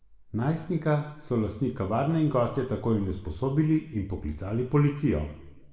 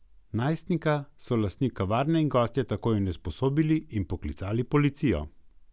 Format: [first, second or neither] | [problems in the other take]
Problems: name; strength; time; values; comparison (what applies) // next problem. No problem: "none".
second | room echo; dies away in 0.8 s